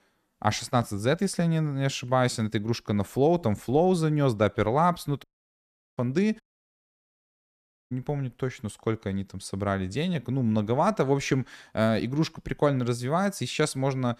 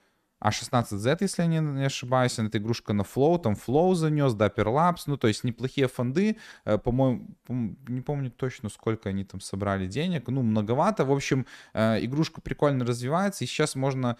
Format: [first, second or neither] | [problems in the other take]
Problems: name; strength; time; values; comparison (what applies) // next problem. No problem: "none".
second | audio cutting out; at 5 s for 0.5 s and at 6.5 s for 1.5 s